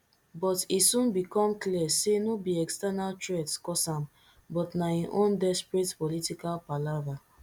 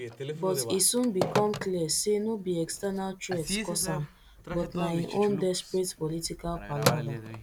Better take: first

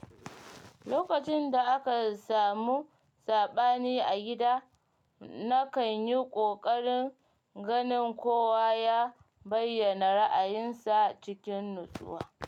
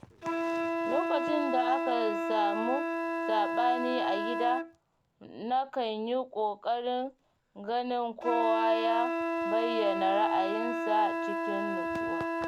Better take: first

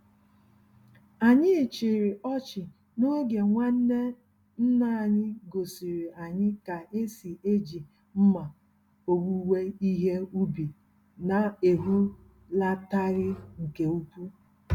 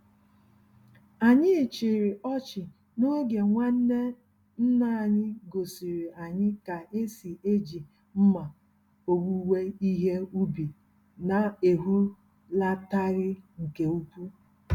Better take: second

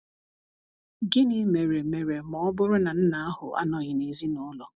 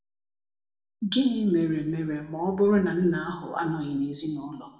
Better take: first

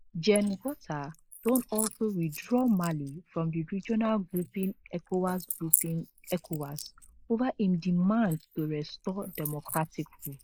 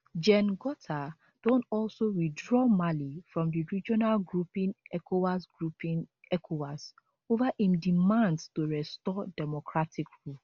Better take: second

